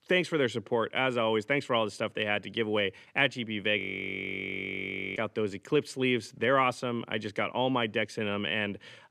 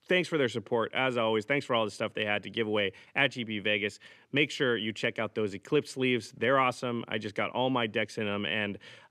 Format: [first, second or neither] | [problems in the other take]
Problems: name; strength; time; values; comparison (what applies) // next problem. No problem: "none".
second | audio freezing; at 4 s for 1.5 s